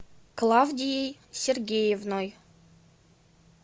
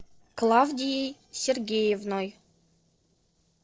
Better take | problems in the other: first | noise reduction (neural separator model SepFormer DNS4)

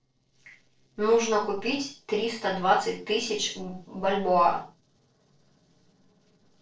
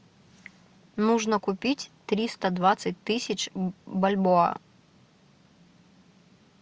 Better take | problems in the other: second | noise reduction (neural separator model SepFormer DNS4)

